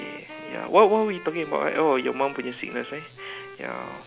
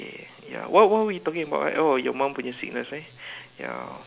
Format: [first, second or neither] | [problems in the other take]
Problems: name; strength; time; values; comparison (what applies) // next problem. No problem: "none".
second | background sound (Wind instrument, woodwind instrument); 17 dB below the speech